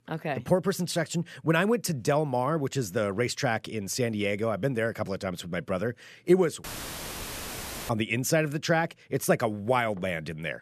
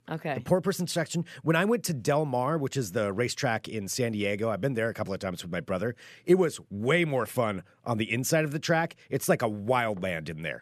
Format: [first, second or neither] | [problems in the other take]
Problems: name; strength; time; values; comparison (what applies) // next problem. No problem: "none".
second | audio cutting out; filled with static; at 6.5 s for 1.5 s